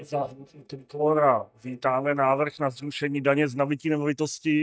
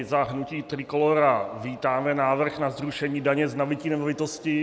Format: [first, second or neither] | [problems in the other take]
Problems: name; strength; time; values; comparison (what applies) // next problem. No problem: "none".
second | noise reduction (neural mask model DeepFilterNet 3)